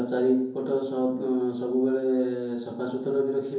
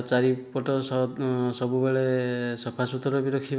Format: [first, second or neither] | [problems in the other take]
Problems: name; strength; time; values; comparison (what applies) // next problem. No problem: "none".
second | room echo; dies away in 2.8 s